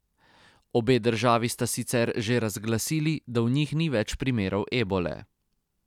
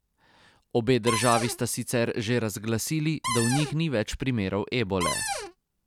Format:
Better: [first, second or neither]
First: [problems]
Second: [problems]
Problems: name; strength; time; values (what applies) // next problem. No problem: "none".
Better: first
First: none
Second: background sound (Cupboard open or close); 3 dB below the speech